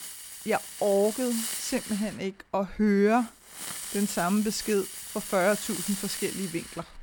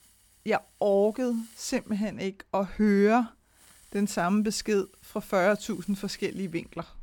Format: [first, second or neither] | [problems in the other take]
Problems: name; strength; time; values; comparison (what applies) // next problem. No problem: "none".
second | hiss; loud; throughout; 7 dB below the speech; faint in the second